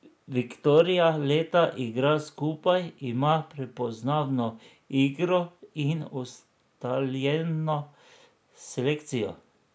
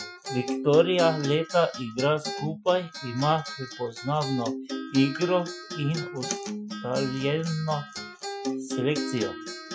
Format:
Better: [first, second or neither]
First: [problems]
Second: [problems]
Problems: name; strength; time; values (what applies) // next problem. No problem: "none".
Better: first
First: none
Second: noise reduction (classical method Wiener filter)